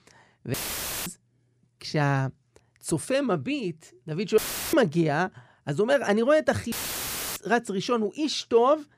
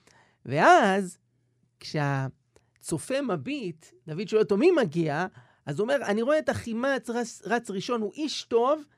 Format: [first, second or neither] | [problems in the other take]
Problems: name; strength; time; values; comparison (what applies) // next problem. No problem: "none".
second | audio cutting out; filled with static; at 0.5 s for 0.5 s, at 4.5 s and at 6.5 s for 0.5 s